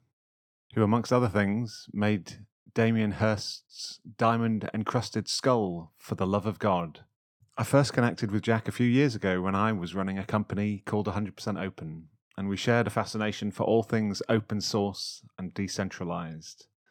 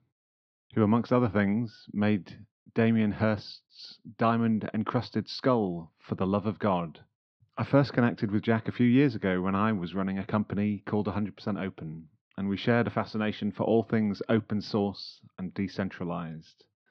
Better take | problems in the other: first | muffled; very slightly; fading above 4.5 kHz

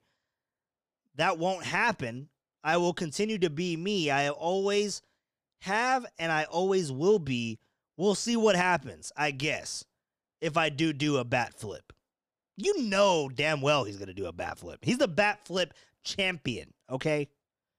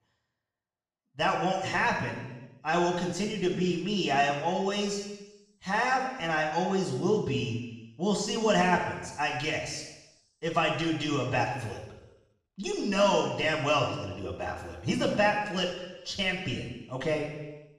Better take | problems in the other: first | room echo; noticeable; dies away in 1 s // off-mic speech; far

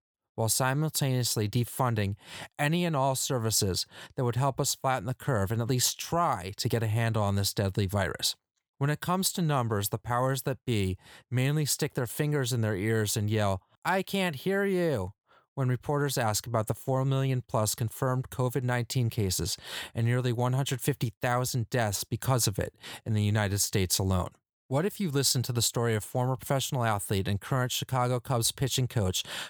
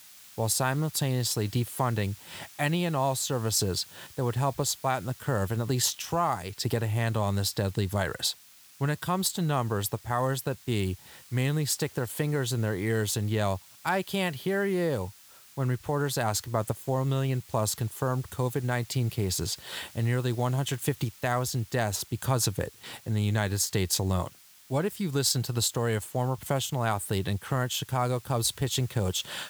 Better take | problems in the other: first | hiss; faint; throughout; 20 dB below the speech

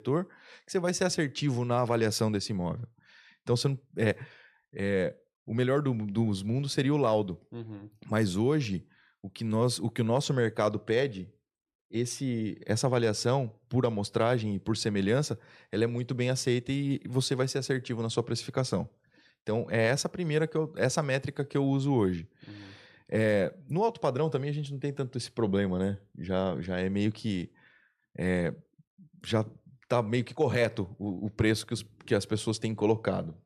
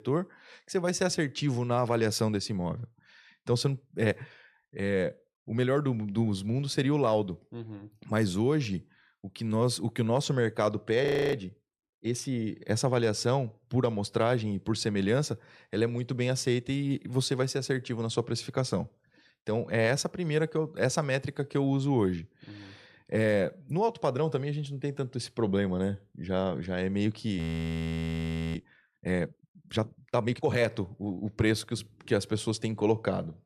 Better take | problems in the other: first | audio freezing; at 11 s and at 27 s for 1 s

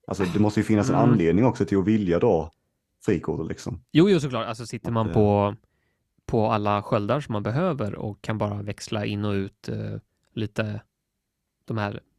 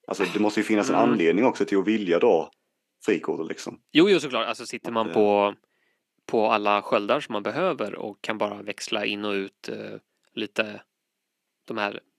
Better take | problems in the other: first | thin; very slightly; fading below 250 Hz

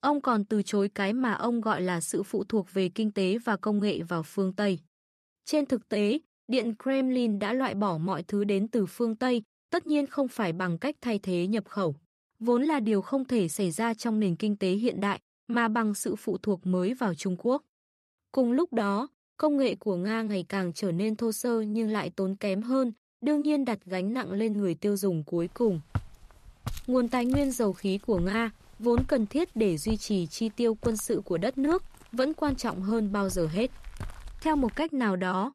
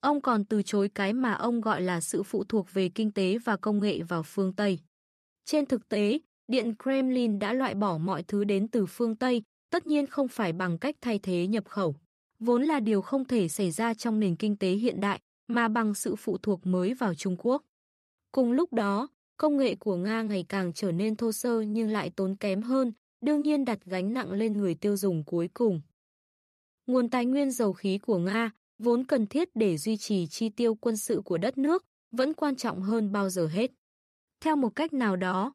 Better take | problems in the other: second | footsteps; noticeable; from 26 to 35 s; peak 7 dB below the speech

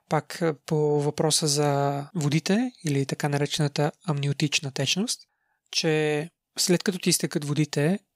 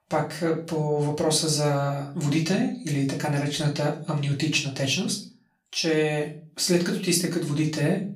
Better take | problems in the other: first | off-mic speech; far // room echo; slight; dies away in 0.3 s

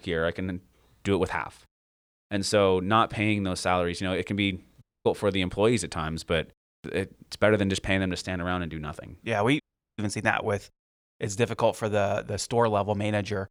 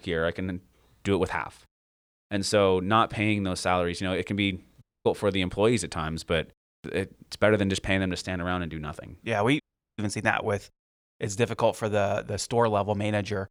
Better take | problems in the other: neither | audio cutting out; at 5 s and at 9.5 s; the same in both

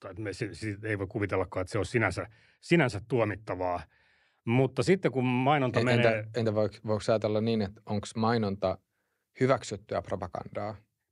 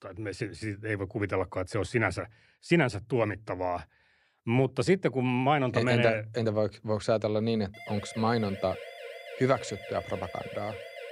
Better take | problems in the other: first | siren; faint; from 7.5 s on; peak 10 dB below the speech

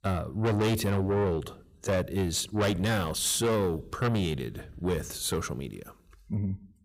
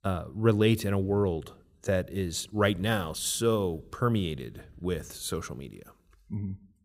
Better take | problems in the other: second | distortion; heavy; 7 dB below the speech

